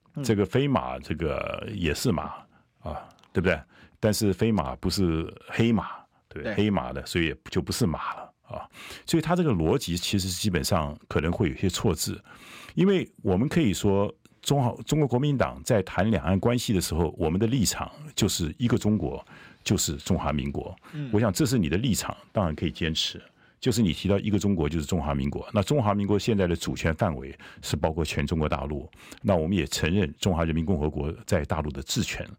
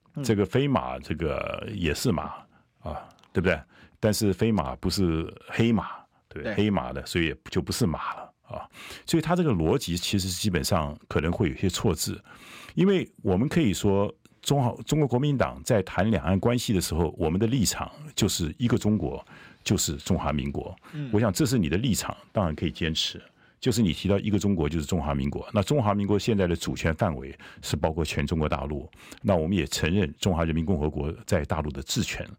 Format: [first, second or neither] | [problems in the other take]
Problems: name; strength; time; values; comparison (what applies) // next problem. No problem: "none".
neither | none